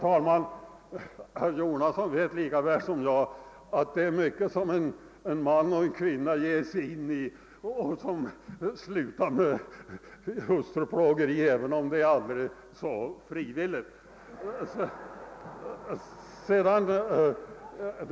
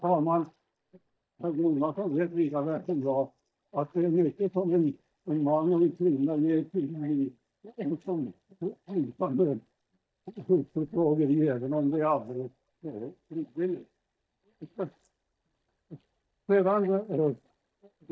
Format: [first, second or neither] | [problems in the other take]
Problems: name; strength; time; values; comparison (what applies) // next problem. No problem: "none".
first | noise reduction (neural mask model DeepFilterNet 3)